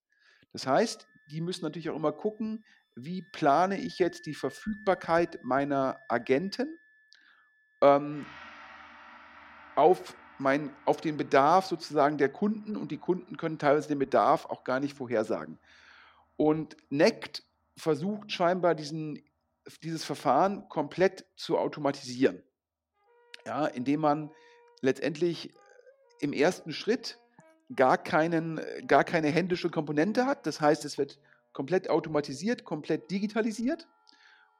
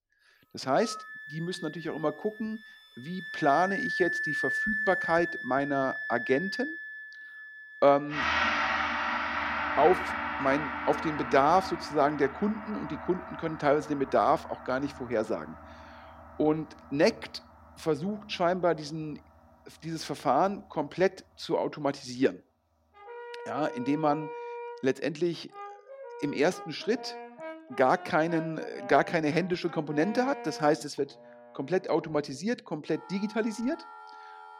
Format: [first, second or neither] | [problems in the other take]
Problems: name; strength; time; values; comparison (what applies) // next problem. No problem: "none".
first | background music; loud; throughout; 5 dB below the speech; faint in the first